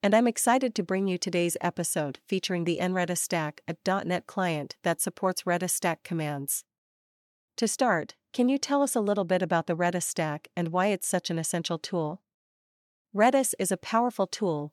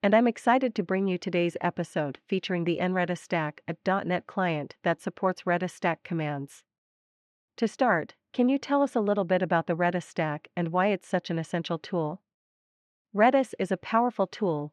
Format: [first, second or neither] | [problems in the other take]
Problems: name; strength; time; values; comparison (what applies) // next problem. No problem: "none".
first | muffled; slightly; fading above 2.5 kHz